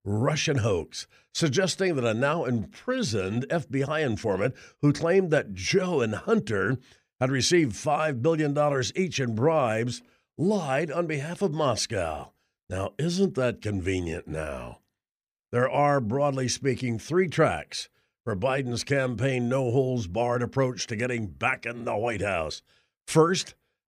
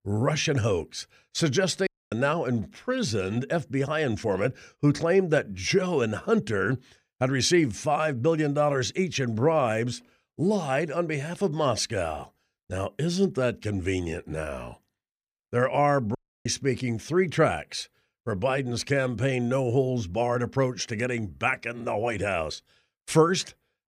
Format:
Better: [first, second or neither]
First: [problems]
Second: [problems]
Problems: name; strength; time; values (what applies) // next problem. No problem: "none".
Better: first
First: none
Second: audio cutting out; at 2 s and at 16 s